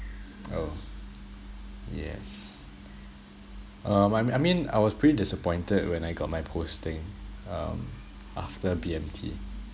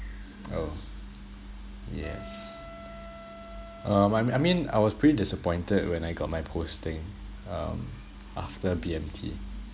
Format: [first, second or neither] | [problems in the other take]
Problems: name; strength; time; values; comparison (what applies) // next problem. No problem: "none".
first | background sound (Wind instrument, woodwind instrument); 17 dB below the speech